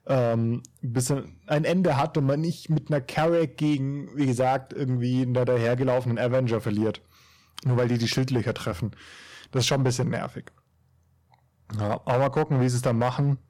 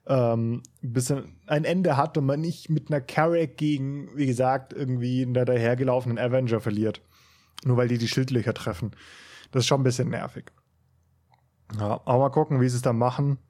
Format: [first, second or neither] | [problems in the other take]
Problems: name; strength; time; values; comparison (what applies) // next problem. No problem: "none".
second | distortion; slight; 5% of the sound clipped